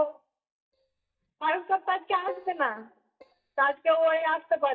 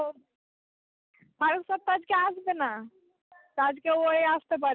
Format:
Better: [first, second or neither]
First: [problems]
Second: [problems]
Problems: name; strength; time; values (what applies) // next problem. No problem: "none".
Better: second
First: noise reduction (neural mask model DeepFilterNet 3)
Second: none